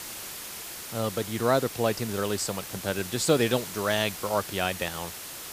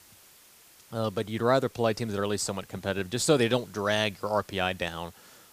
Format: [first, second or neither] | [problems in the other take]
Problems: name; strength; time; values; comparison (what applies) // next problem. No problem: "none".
second | hiss; loud; throughout; 9 dB below the speech; faint in the second